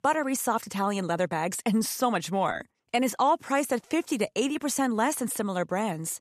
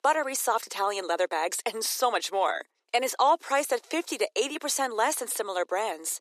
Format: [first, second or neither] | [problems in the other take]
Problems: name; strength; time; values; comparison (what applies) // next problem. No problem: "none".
first | thin; very; fading below 350 Hz